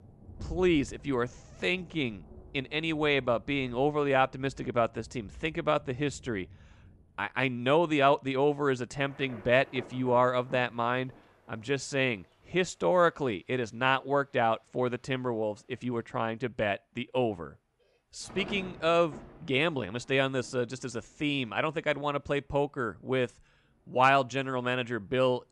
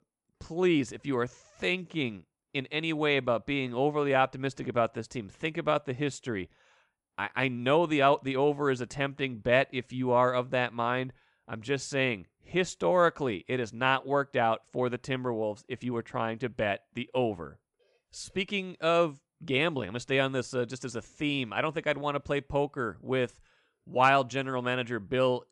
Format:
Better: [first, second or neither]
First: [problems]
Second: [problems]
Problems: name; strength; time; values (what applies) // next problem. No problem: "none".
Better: second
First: rain or running water; faint; throughout; 20 dB below the speech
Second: none